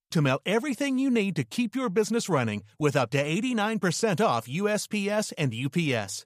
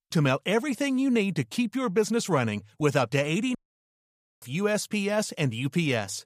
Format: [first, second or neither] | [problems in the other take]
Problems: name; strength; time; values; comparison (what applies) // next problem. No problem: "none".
first | audio cutting out; at 3.5 s for 1 s